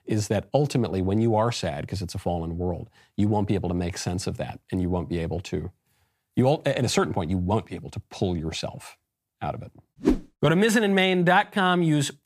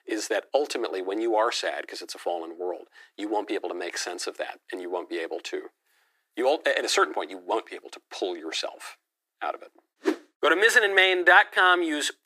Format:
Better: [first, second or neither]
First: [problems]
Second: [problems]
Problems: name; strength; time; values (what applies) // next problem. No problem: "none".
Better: first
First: none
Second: thin; very; fading below 300 Hz